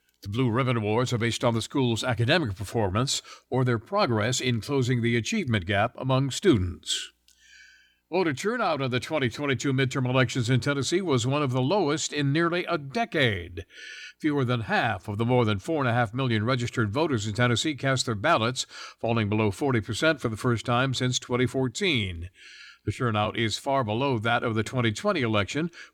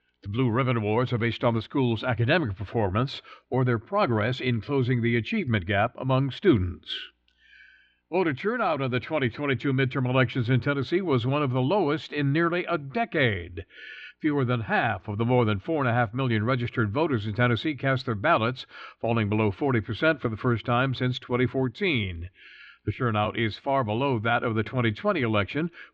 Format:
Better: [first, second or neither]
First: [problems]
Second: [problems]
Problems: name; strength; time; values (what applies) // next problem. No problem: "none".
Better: first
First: none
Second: muffled; very; fading above 3 kHz